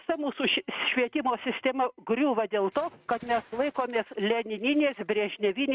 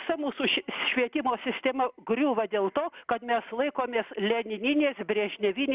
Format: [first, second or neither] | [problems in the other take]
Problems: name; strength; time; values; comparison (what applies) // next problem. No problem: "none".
second | noise reduction (neural mask model RNNoise)